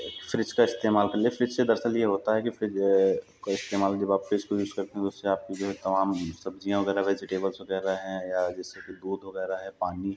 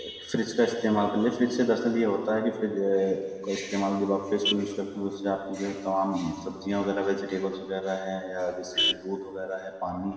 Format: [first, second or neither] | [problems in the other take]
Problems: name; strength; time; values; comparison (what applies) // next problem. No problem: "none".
first | background sound (Vehicle horn, car horn, honking); 11 dB below the speech // room echo; dies away in 2.1 s